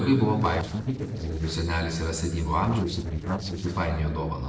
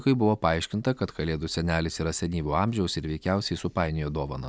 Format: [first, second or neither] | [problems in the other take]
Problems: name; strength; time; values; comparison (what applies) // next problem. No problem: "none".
second | noise reduction (neural separator model SepFormer DNS4)